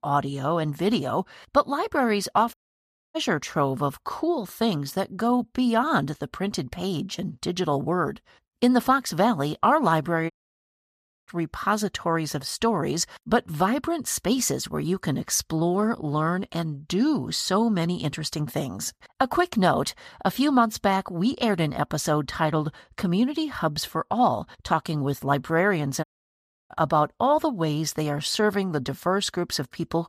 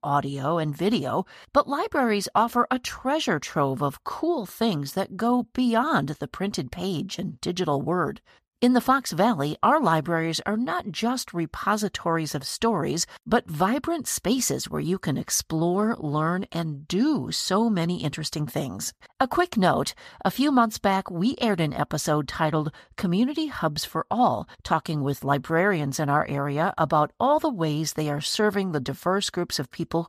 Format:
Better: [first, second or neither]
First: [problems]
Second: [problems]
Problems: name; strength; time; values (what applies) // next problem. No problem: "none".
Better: second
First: audio cutting out; at 2.5 s for 0.5 s, at 10 s for 1 s and at 26 s for 0.5 s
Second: none